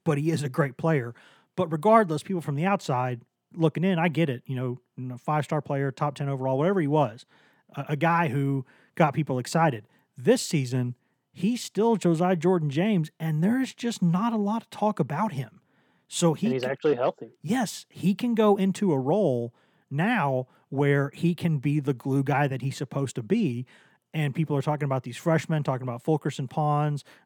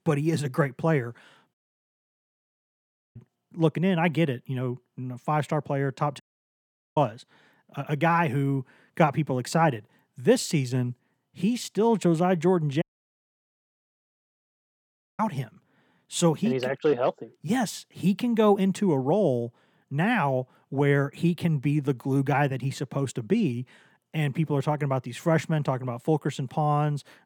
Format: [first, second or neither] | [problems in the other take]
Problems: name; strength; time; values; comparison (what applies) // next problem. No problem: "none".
first | audio cutting out; at 1.5 s for 1.5 s, at 6 s for 1 s and at 13 s for 2.5 s